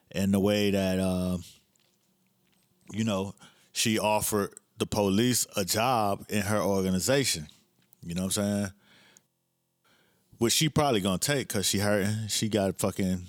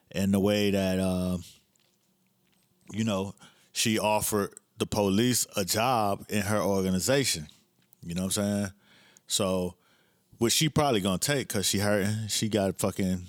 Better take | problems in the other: second | audio freezing; at 9.5 s for 0.5 s

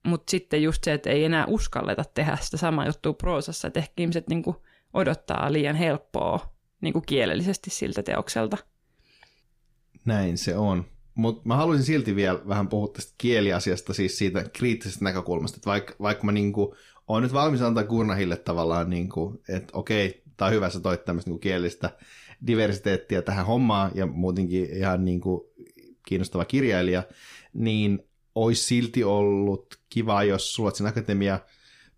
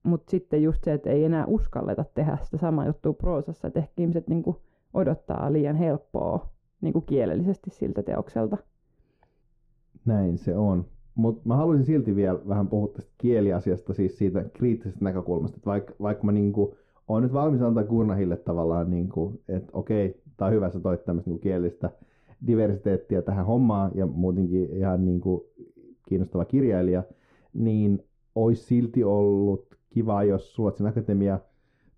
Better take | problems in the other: first | muffled; very; fading above 1.5 kHz

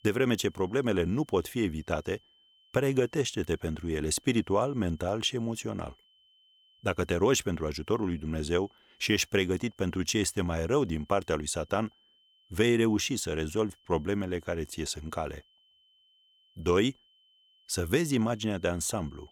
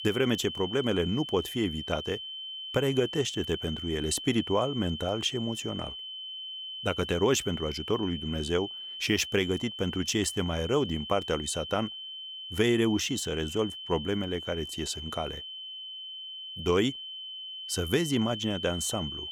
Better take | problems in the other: first | high-pitched whine; loud; throughout; 3 kHz, 7 dB below the speech; faint in the first

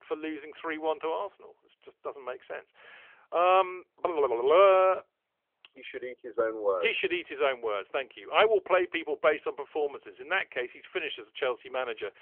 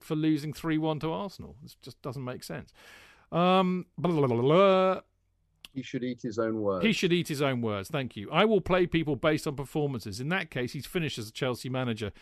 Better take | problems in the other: second | phone-call audio; nothing above 3.5 kHz

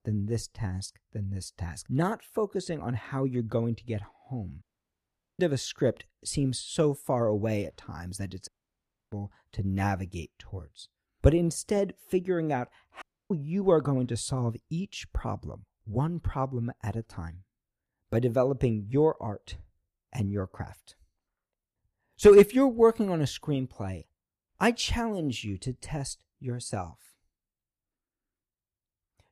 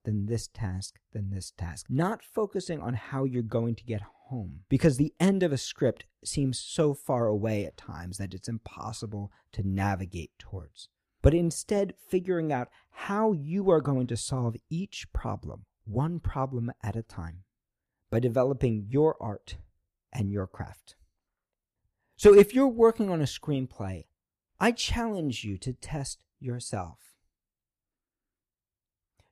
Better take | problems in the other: second | audio cutting out; at 4.5 s for 1 s, at 8.5 s for 0.5 s and at 13 s

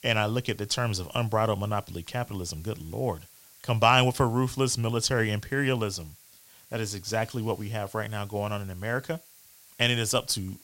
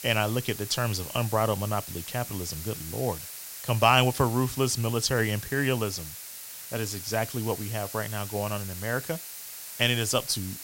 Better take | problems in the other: first | hiss; loud; throughout; 9 dB below the speech; faint in the first

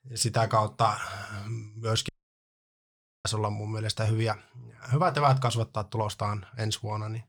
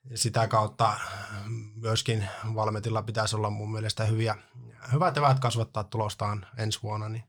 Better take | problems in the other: second | audio cutting out; at 2 s for 1 s

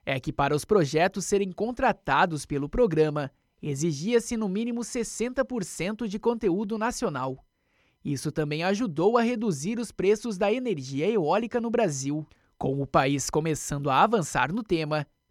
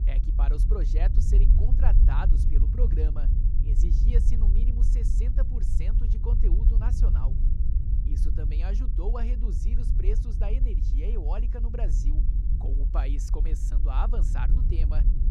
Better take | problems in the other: first | low rumble; loud; throughout; 4 dB below the speech

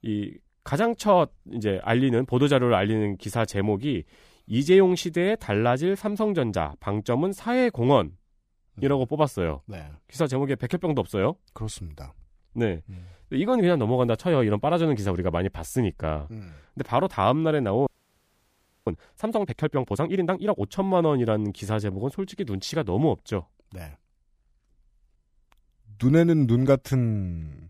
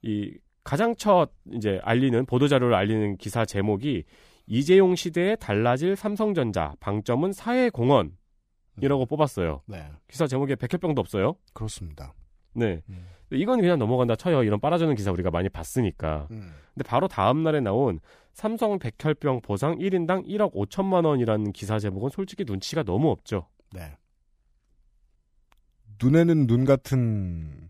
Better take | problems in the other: second | audio freezing; at 18 s for 1 s

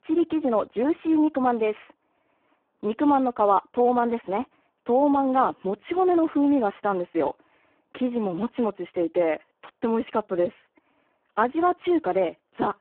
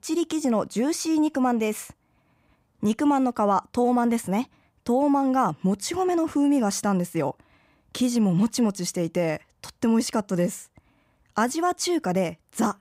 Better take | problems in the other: second | phone-call audio; poor line

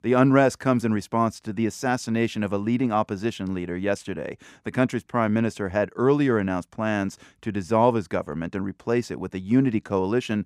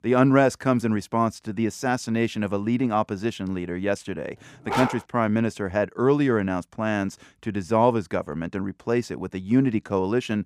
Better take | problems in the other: first | dog barking; noticeable; at 4.5 s; peak 3 dB below the speech

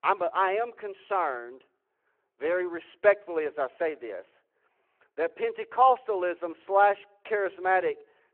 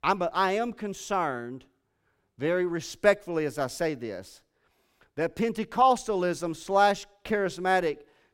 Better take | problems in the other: second | phone-call audio

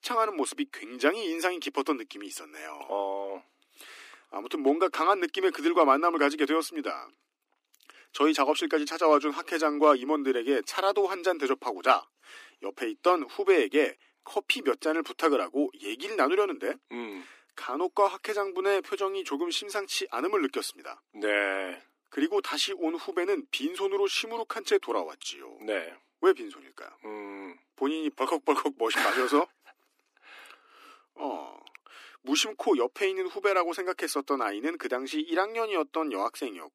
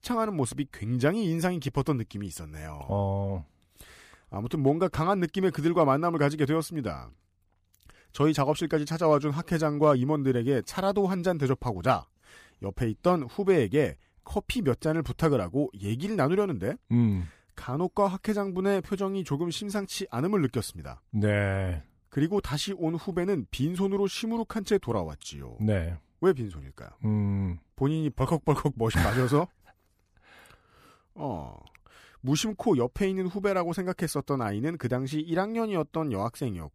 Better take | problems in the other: second | thin; somewhat; fading below 300 Hz

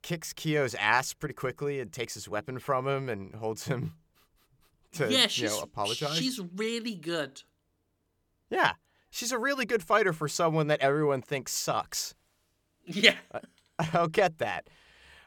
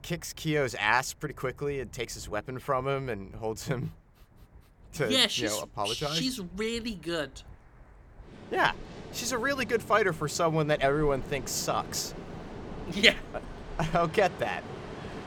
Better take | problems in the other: first | rain or running water; noticeable; throughout; 15 dB below the speech

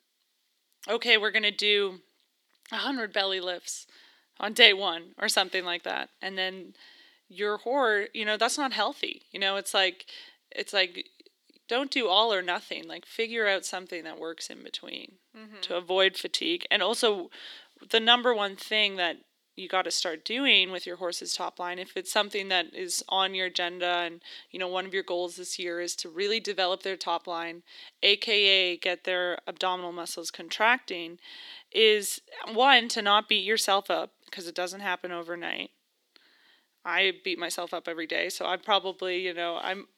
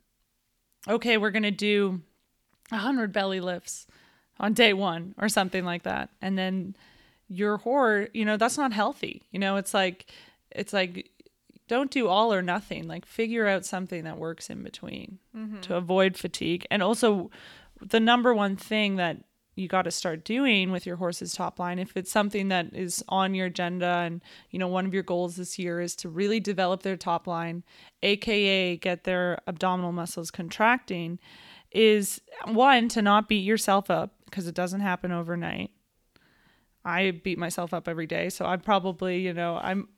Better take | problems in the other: second | thin; somewhat; fading below 300 Hz

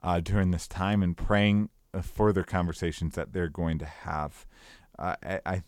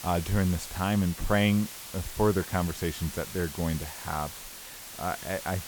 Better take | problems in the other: first | hiss; loud; throughout; 10 dB below the speech

